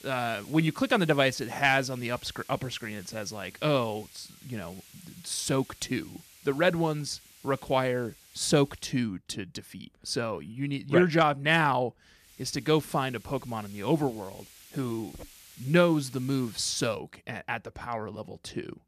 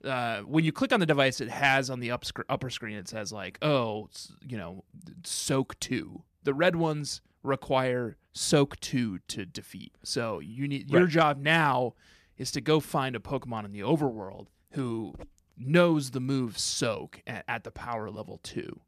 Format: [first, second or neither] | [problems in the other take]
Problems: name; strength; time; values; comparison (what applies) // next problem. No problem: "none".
second | hiss; faint; until 9 s and from 12 to 17 s; 20 dB below the speech